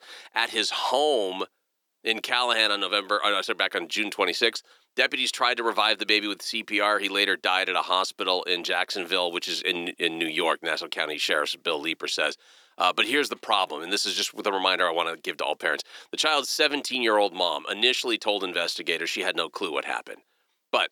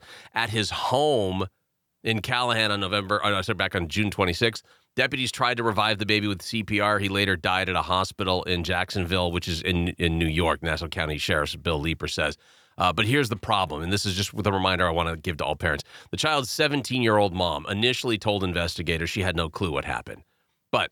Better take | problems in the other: second | thin; somewhat; fading below 300 Hz

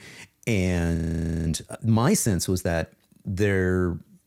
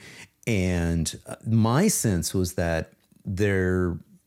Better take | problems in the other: second | audio freezing; at 1 s for 0.5 s

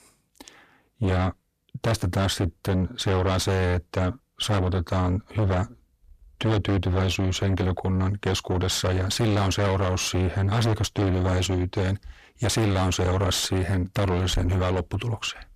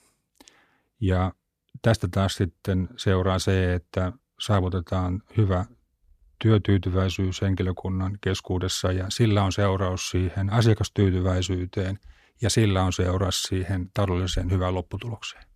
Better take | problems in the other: second | distortion; heavy; 6 dB below the speech

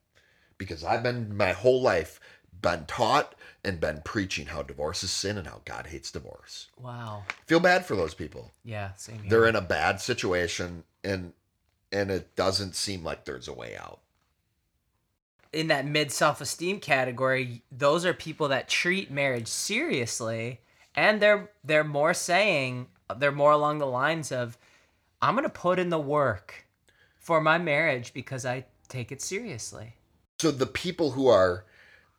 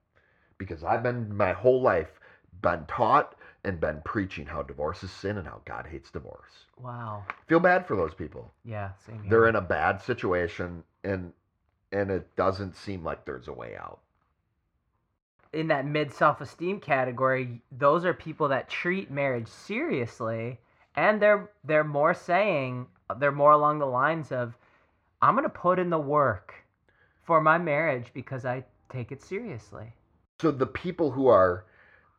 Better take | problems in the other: first | muffled; very; fading above 4 kHz

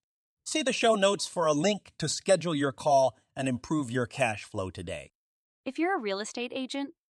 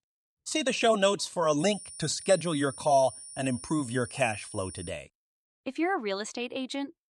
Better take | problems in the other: first | high-pitched whine; noticeable; from 1.5 to 5 s; 9.5 kHz, 15 dB below the speech

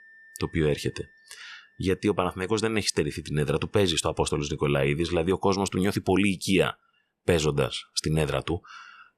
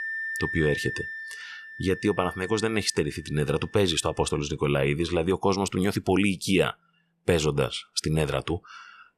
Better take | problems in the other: first | background music; loud; throughout; 9 dB below the speech; faint in the first

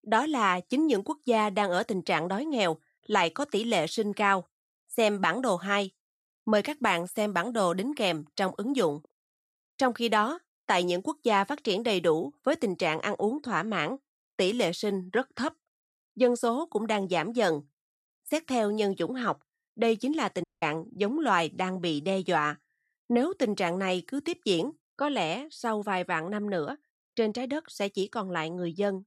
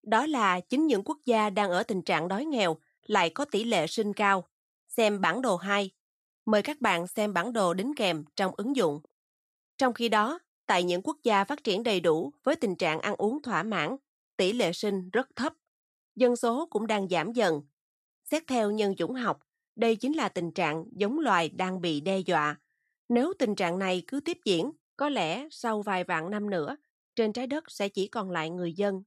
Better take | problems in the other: second | audio cutting out; at 20 s

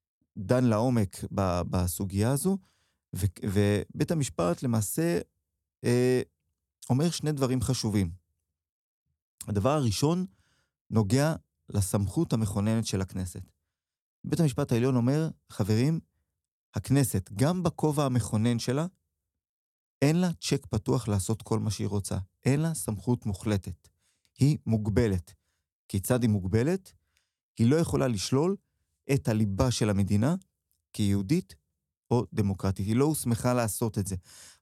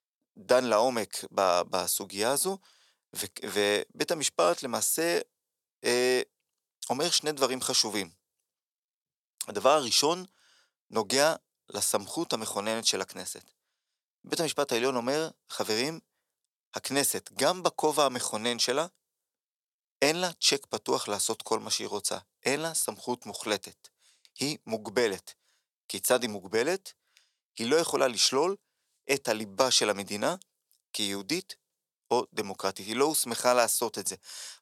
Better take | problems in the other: first | thin; very; fading below 600 Hz

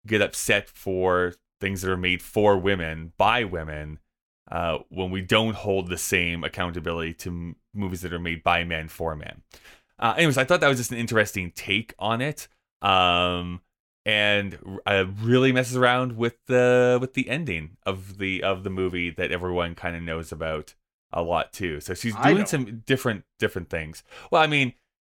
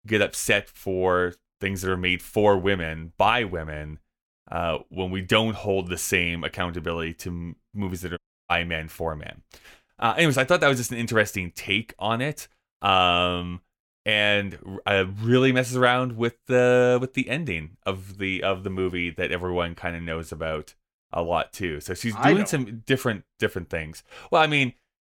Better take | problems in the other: first | audio cutting out; at 8 s

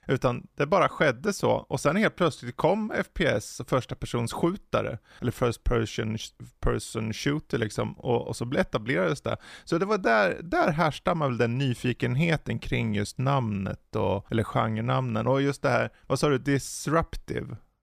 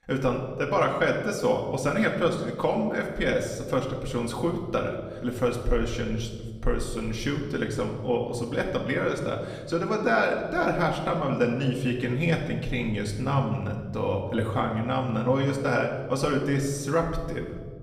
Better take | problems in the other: first | room echo; slight; dies away in 1.2 s // off-mic speech; somewhat distant

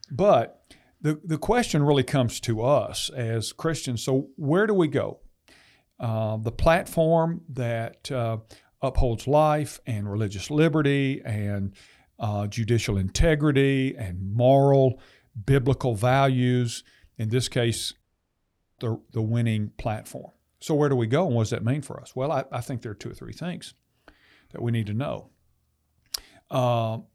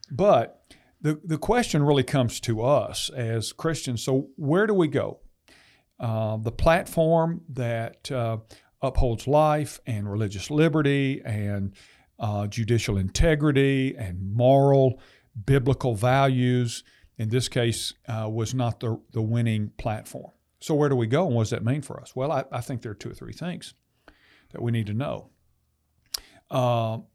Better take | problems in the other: second | audio cutting out; at 18 s for 1 s

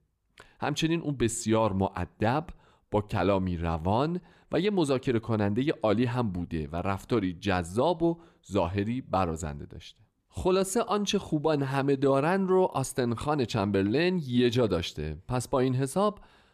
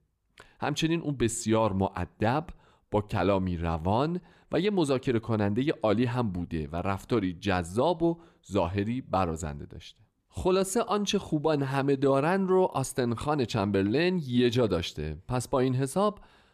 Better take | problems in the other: neither | none

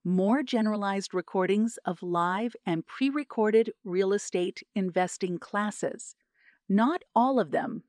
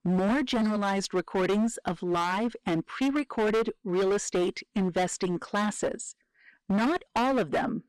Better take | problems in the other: first | distortion; heavy; 20% of the sound clipped

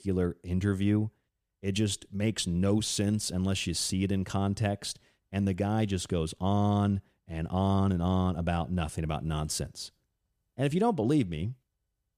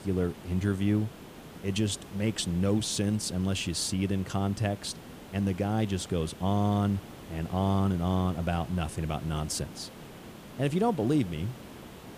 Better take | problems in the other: first | hiss; noticeable; throughout; 15 dB below the speech

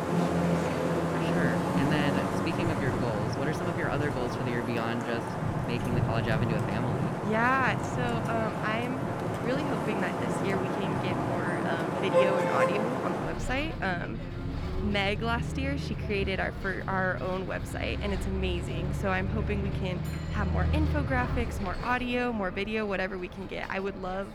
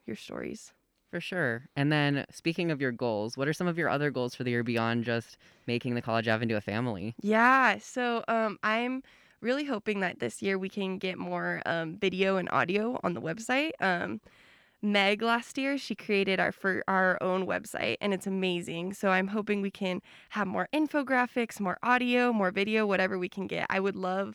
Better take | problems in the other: second | traffic noise; very loud; throughout; 1 dB above the speech

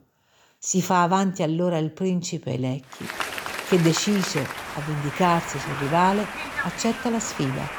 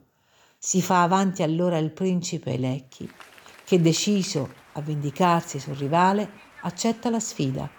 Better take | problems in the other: second | crowd noise; loud; from 3 s on; 7 dB below the speech; faint in the second

